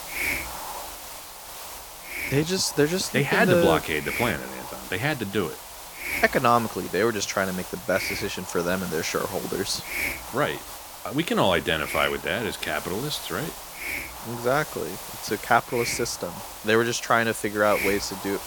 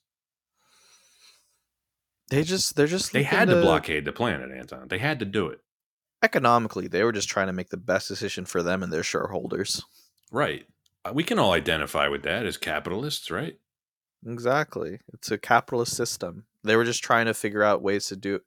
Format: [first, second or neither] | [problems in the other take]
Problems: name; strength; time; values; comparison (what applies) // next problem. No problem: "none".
second | hiss; loud; throughout; 8 dB below the speech